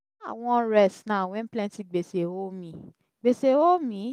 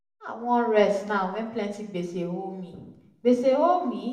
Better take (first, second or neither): first